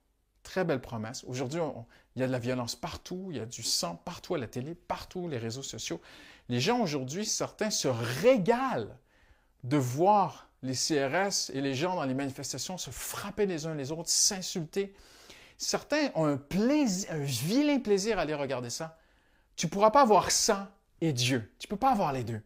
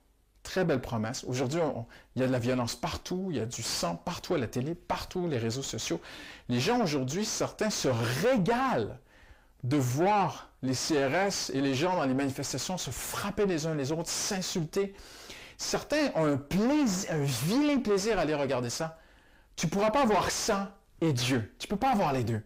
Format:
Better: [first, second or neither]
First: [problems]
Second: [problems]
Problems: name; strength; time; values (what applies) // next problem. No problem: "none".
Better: first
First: none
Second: distortion; heavy; 6 dB below the speech